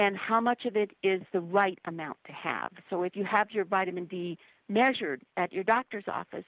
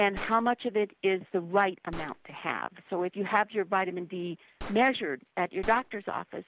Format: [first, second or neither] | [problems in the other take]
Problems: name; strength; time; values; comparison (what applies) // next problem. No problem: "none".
first | background sound (Gunshot, gunfire); 18 dB below the speech